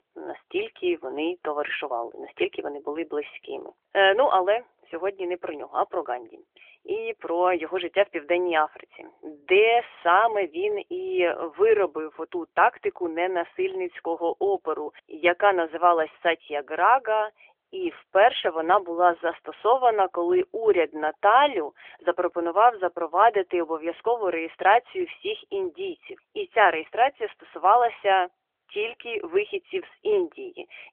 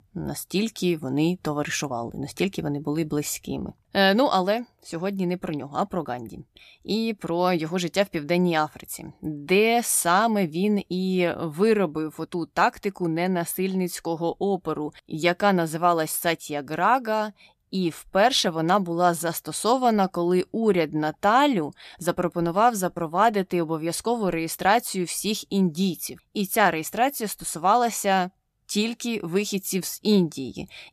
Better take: second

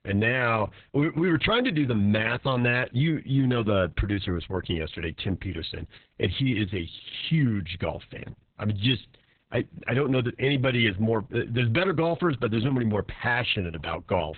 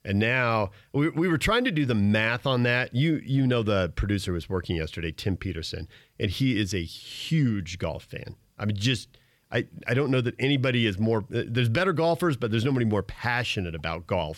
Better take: second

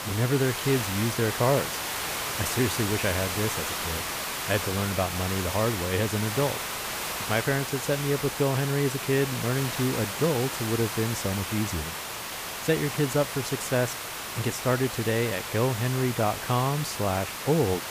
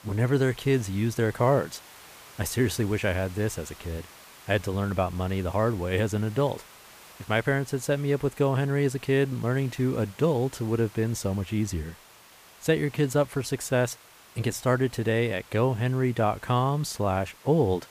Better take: second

